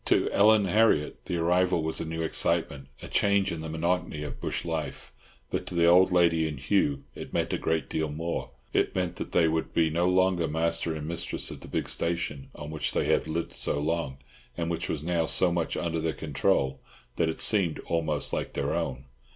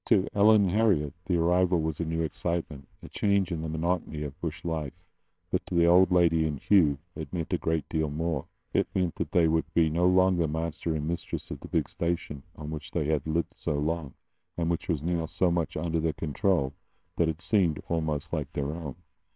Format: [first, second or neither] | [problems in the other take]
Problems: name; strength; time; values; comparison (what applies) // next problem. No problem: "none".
first | noise reduction (neural separator model SepFormer WHAMR!)